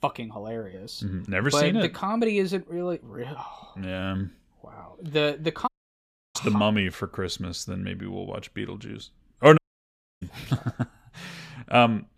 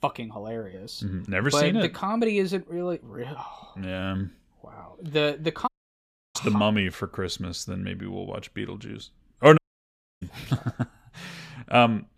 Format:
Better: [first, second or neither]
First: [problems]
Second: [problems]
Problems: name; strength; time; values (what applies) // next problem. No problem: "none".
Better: neither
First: audio cutting out; at 5.5 s for 0.5 s and at 9.5 s for 0.5 s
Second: audio cutting out; at 5.5 s for 0.5 s and at 9.5 s for 0.5 s